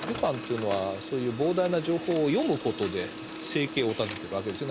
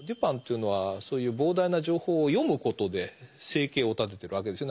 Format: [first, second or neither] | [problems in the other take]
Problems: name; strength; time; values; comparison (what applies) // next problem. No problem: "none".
second | background sound (Printer); 10 dB below the speech